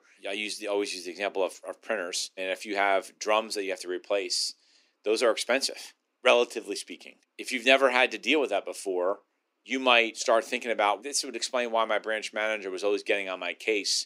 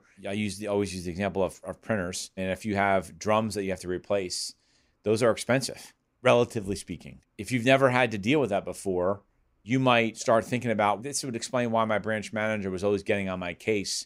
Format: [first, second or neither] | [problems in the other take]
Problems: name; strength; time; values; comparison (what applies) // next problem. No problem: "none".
second | thin; somewhat; fading below 300 Hz